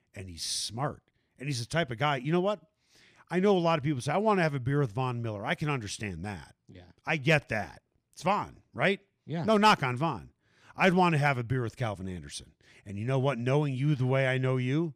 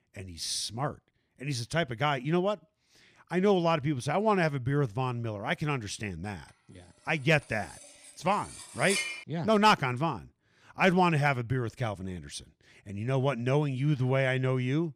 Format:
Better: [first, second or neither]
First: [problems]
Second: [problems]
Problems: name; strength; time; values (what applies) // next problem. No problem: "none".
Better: first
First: none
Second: clattering dishes; noticeable; at 8.5 s; peak 2 dB below the speech